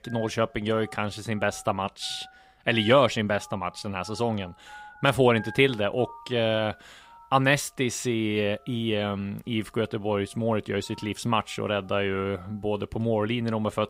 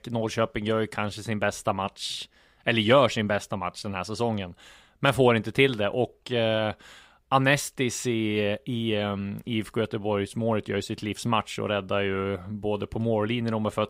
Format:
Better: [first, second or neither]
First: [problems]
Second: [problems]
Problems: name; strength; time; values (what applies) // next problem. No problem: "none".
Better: second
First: alarms or sirens; faint; throughout; 25 dB below the speech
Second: none